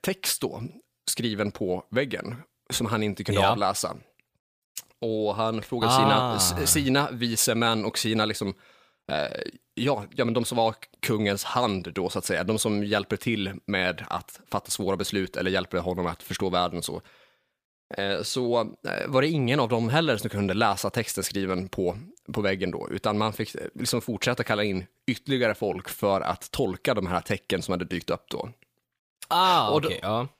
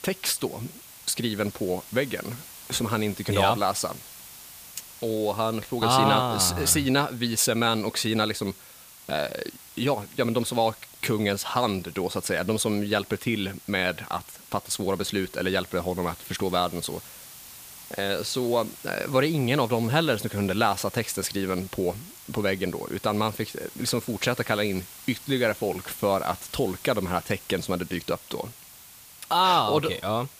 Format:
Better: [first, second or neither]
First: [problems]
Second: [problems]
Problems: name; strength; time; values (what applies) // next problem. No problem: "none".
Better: first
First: none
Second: hiss; noticeable; throughout; 15 dB below the speech